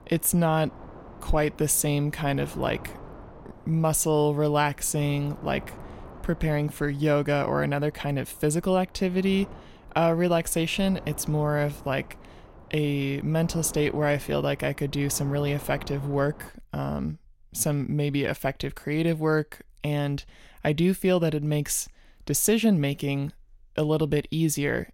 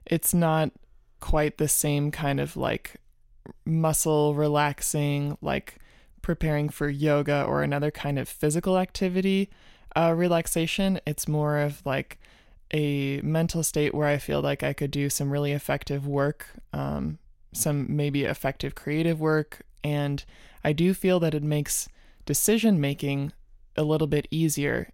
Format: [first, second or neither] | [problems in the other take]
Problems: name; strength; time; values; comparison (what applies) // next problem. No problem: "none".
second | wind noise on the microphone; occasional gusts; until 16 s; 20 dB below the speech